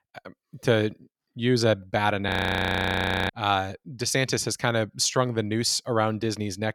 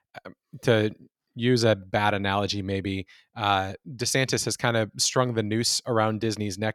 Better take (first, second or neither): second